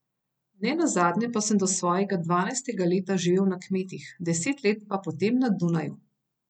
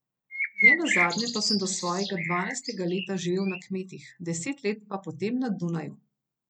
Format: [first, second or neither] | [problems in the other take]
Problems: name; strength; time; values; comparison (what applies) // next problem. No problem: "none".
first | background sound (Bird); 3 dB above the speech